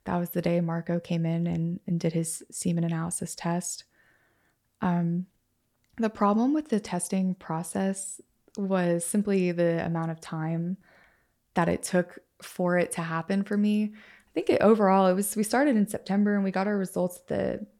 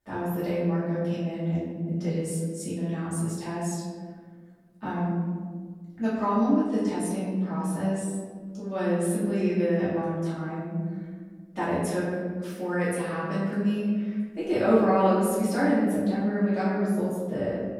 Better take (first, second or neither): first